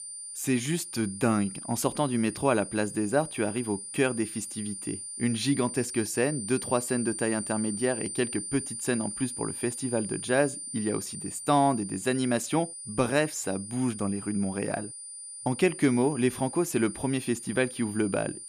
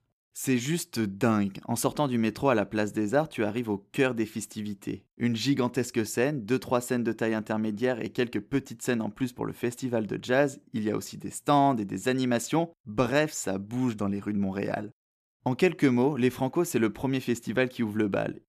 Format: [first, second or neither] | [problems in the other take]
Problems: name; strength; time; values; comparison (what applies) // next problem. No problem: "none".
second | high-pitched whine; loud; throughout; 9 kHz, 8 dB below the speech